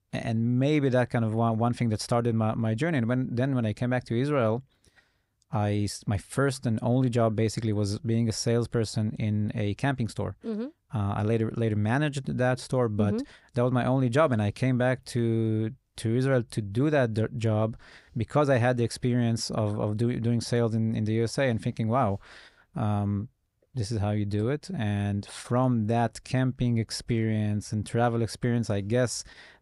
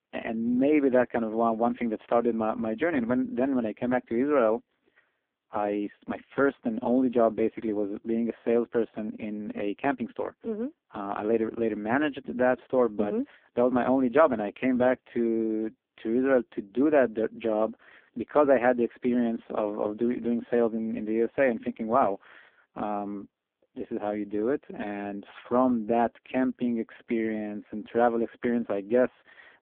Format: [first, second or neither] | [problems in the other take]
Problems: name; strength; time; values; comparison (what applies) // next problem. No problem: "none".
first | phone-call audio; poor line